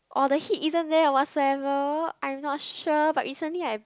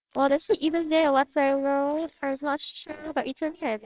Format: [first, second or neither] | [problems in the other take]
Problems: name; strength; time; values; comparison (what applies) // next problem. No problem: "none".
first | noise reduction (neural separator model SepFormer WHAMR!)